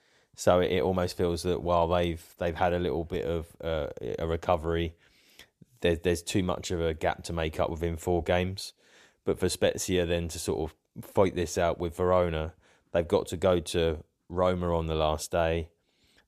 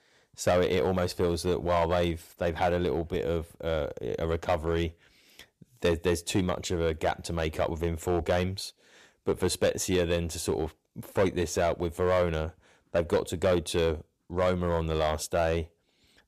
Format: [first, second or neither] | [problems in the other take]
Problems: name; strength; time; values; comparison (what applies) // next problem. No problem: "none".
first | distortion; slight; 3% of the sound clipped